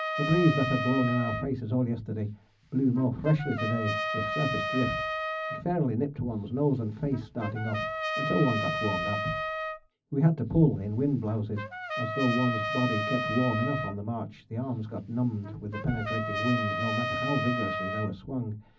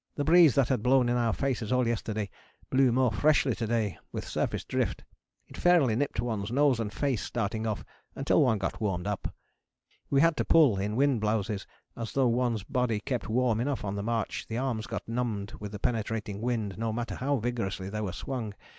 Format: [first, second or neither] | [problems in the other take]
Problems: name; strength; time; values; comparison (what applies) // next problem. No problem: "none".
second | background sound (Trumpet); 5 dB below the speech // room echo; dies away in 0.4 s